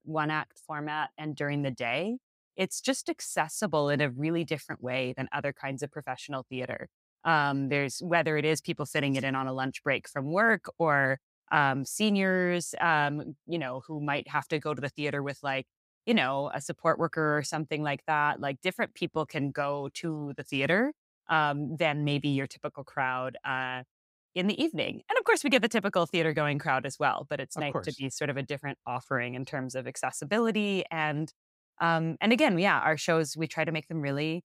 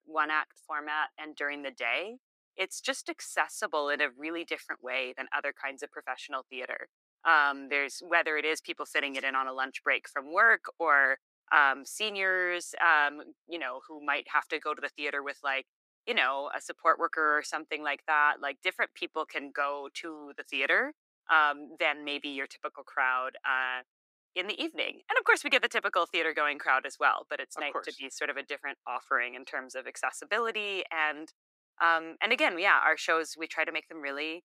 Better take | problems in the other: first | thin; very; fading below 300 Hz

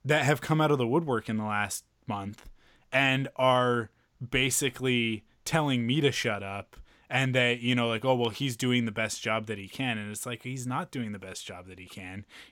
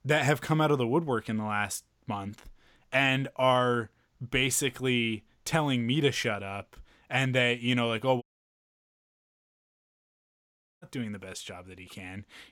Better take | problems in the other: first | audio cutting out; at 8 s for 2.5 s

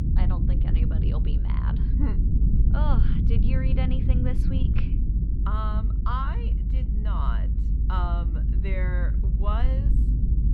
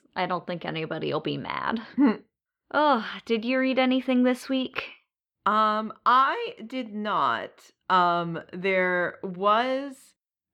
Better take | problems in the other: second | low rumble; loud; throughout; 4 dB below the speech

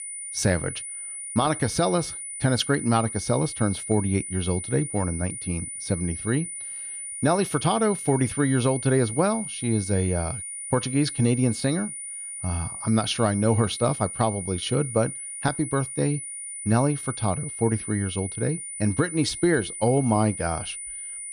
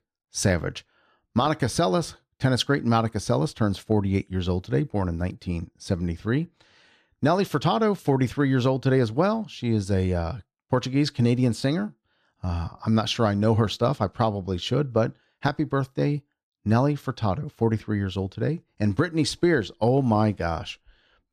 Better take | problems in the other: second | high-pitched whine; loud; throughout; 9.5 kHz, 7 dB below the speech

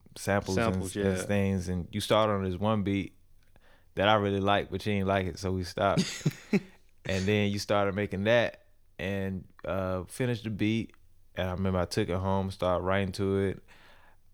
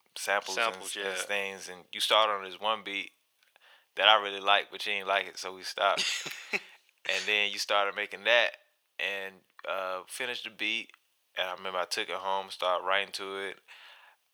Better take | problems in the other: first | thin; very; fading below 850 Hz

